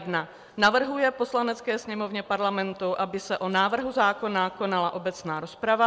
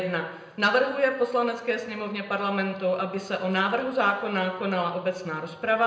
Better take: first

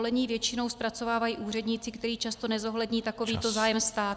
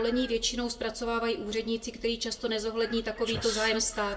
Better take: first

